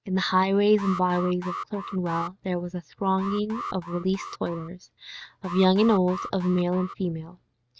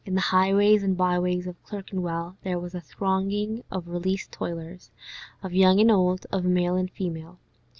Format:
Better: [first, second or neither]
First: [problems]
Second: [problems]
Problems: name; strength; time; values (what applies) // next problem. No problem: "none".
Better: second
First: noise reduction (neural mask model RNNoise)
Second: none